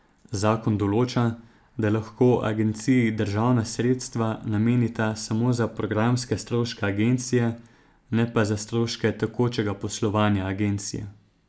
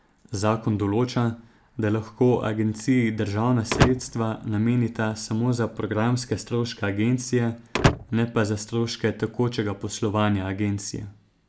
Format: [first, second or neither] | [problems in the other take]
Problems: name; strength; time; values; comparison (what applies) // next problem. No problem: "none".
first | background sound (Slam / Wood); 3 dB below the speech